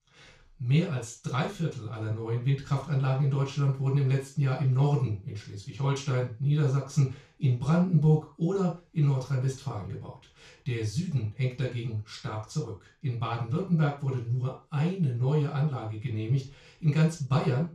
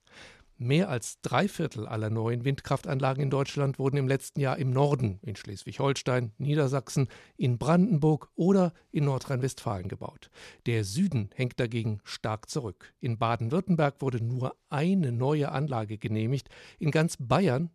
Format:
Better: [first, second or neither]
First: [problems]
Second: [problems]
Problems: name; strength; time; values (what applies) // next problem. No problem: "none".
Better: second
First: room echo; noticeable; dies away in 0.3 s // off-mic speech; far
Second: none